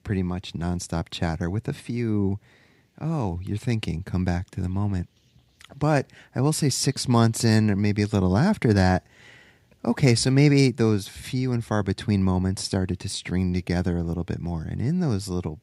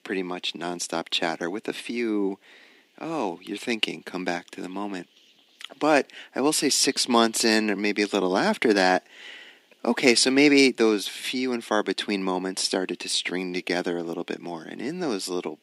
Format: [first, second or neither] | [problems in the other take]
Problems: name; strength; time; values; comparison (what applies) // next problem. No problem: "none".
first | thin; somewhat; fading below 250 Hz